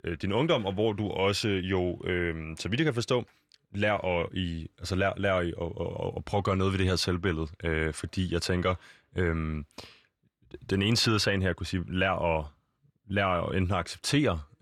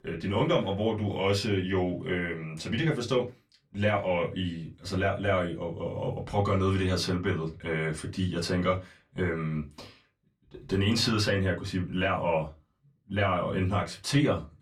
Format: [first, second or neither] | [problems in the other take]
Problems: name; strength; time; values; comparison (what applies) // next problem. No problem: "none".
first | off-mic speech; far // room echo; very slight; dies away in 0.2 s